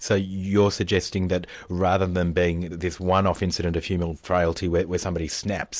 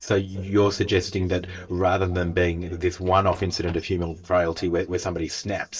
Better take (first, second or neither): first